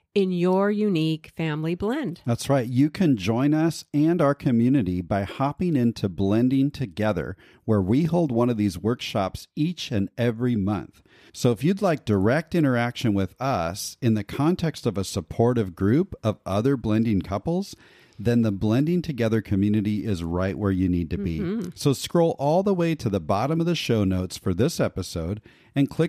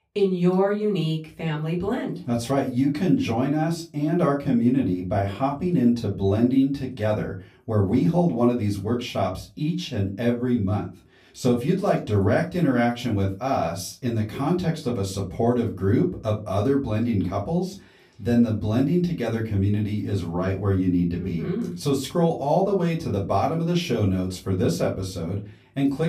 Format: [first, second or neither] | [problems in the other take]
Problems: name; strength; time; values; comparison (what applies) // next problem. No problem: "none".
first | off-mic speech; far // room echo; very slight; dies away in 0.2 s